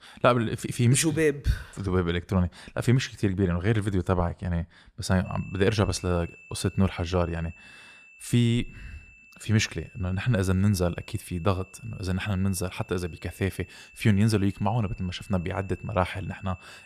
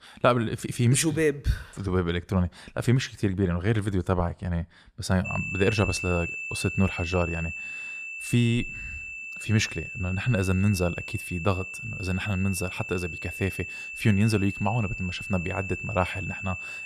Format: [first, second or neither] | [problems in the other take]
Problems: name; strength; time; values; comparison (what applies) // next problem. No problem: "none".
first | high-pitched whine; loud; from 5.5 s on; 2.5 kHz, 7 dB below the speech; faint in the first